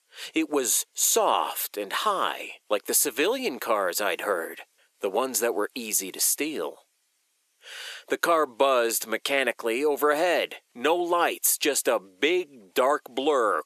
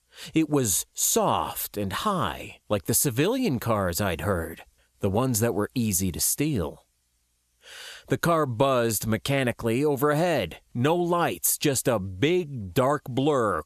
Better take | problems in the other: second | thin; somewhat; fading below 350 Hz

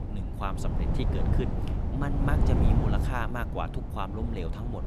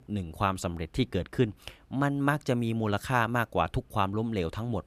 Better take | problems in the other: second | wind noise on the microphone; heavy; 3 dB below the speech

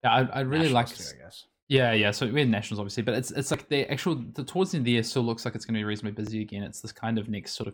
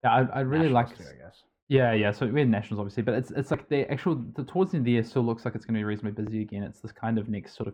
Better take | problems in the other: first | muffled; very; fading above 3 kHz

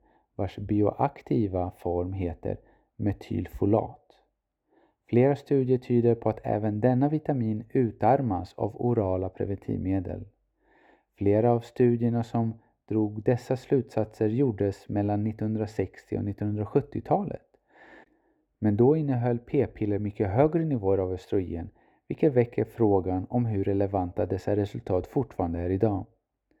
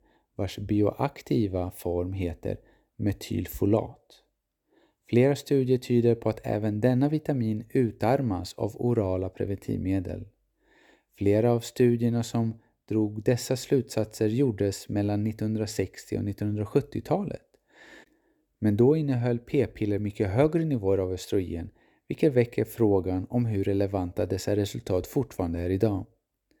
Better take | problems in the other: second | muffled; very; fading above 3.5 kHz

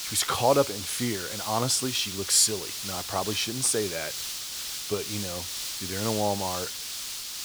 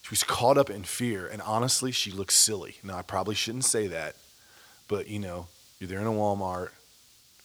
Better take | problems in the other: second | hiss; loud; throughout; 5 dB below the speech; faint in the second

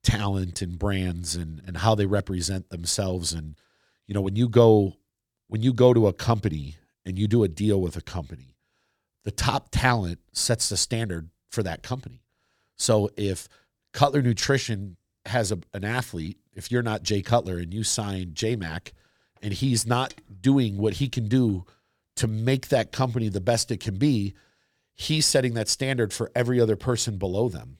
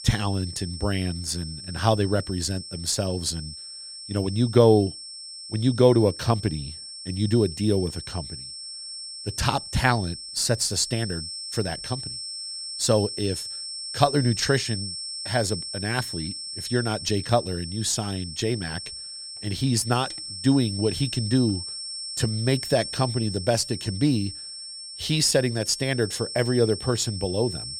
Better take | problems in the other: first | high-pitched whine; loud; throughout; 5.5 kHz, 9 dB below the speech

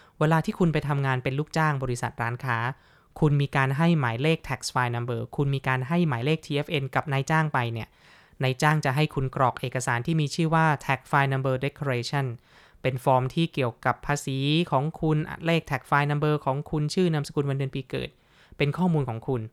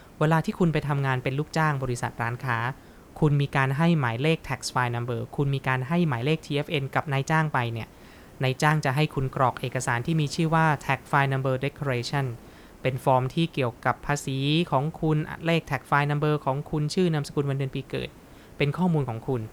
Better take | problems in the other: first | hiss; faint; throughout; 25 dB below the speech

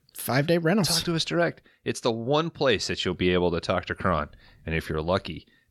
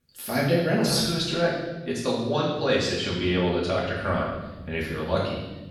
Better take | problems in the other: first | room echo; strong; dies away in 1 s // off-mic speech; far

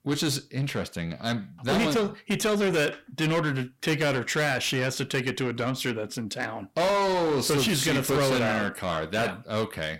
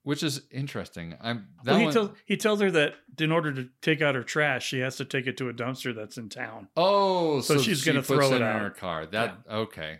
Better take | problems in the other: second | distortion; heavy; 7 dB below the speech

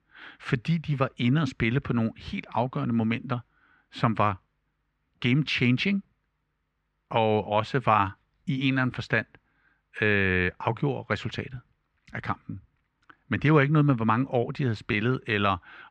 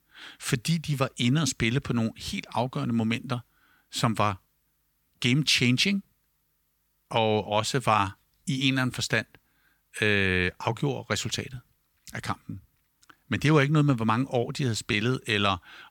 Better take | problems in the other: second | muffled; very; fading above 2 kHz

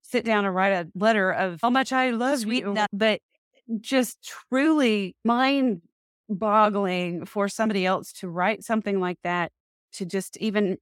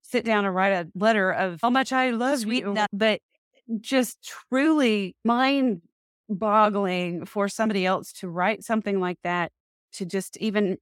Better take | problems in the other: neither | none

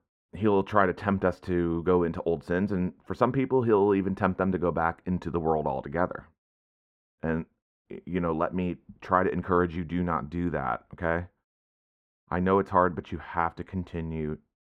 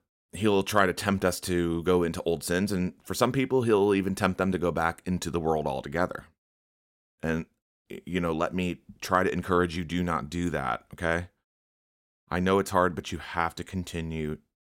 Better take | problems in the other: second | muffled; very; fading above 4 kHz

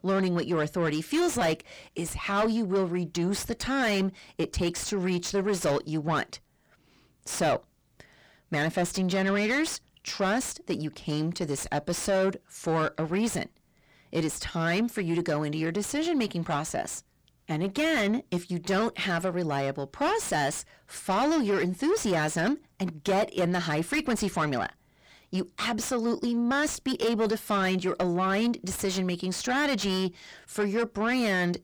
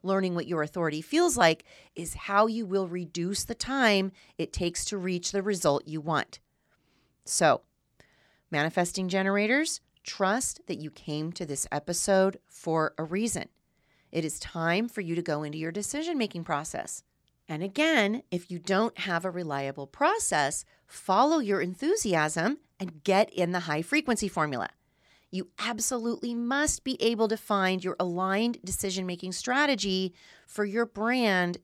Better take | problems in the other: second | distortion; heavy; 6 dB below the speech

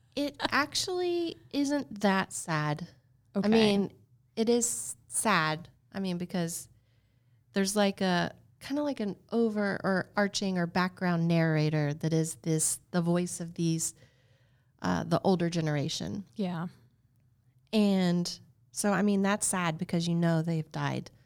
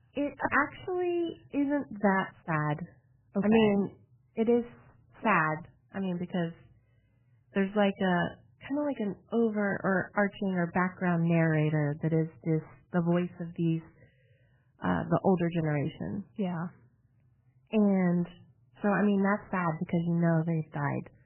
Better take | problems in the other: first | garbled, watery; badly; nothing above 3 kHz

